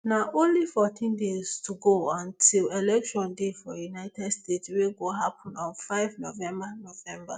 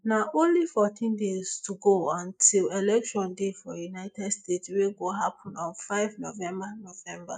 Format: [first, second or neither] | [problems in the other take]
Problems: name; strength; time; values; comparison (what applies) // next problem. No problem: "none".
first | noise reduction (neural mask model Resemble Enhance denoiser)